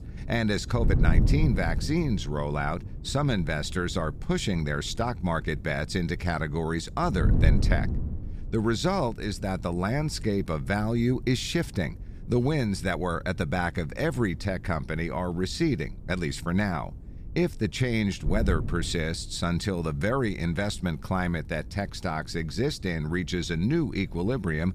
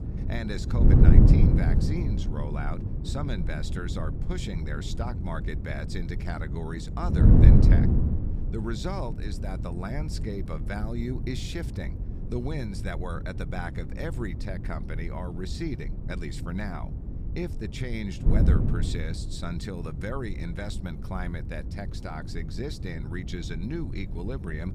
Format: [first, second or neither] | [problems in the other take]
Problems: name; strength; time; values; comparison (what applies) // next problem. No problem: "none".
first | wind noise on the microphone; heavy; 1 dB below the speech; occasional gusts in the first